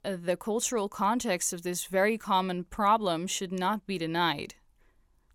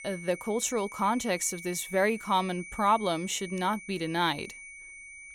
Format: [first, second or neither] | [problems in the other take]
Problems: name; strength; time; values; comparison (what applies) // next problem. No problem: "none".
first | high-pitched whine; noticeable; throughout; 2.5 kHz, 15 dB below the speech